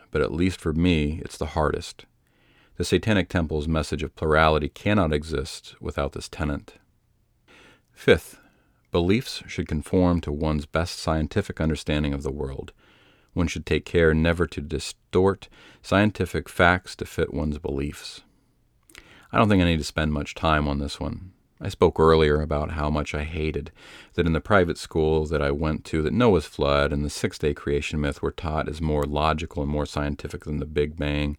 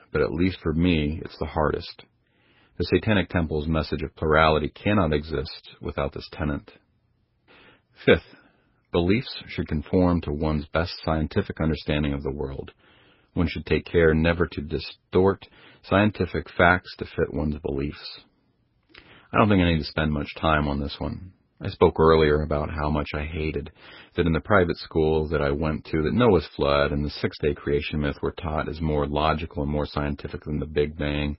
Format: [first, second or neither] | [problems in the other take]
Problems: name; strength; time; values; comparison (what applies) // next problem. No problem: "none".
first | garbled, watery; badly; nothing above 5.5 kHz